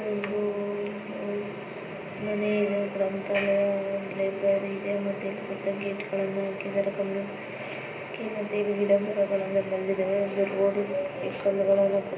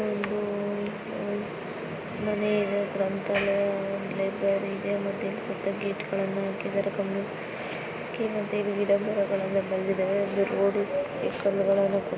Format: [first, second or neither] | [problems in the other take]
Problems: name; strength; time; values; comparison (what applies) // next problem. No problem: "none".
second | room echo; dies away in 0.5 s